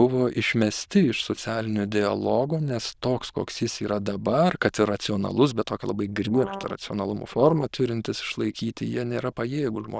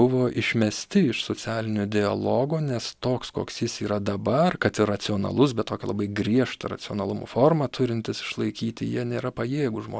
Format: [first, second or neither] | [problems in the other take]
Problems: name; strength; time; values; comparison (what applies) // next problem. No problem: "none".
second | noise reduction (neural diffusion model UNIVERSE++)